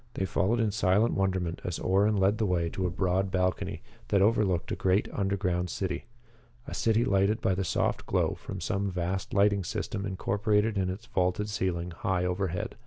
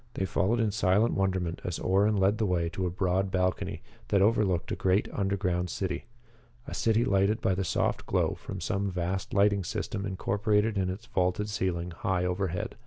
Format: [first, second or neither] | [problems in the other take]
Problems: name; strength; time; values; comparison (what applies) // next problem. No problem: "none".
second | background sound (Knock / Wood); 16 dB below the speech